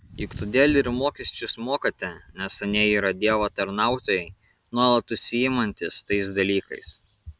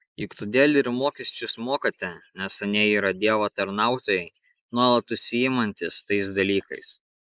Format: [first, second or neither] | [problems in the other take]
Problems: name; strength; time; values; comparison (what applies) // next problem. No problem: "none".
first | noise reduction (neural mask model Resemble Enhance denoiser)